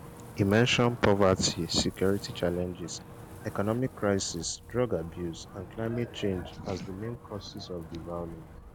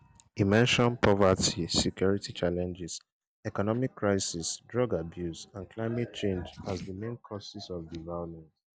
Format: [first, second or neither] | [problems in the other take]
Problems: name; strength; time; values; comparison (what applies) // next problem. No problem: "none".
second | background sound (Wind); 16 dB below the speech